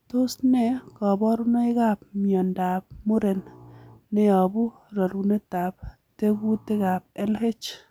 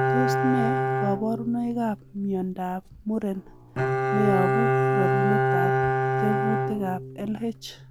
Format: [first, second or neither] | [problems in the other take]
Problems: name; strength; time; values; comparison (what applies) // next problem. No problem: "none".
first | background sound (Bowed string instrument); 3 dB above the speech